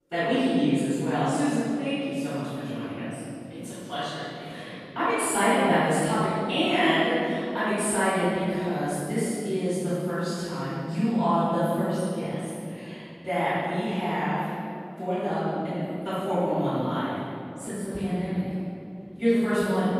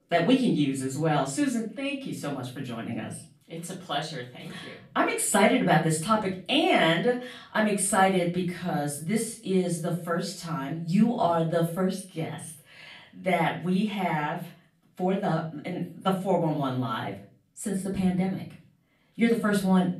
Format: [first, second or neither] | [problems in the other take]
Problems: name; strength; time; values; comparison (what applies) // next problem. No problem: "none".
second | room echo; strong; dies away in 2.6 s; slight in the second // off-mic speech; far; far in the second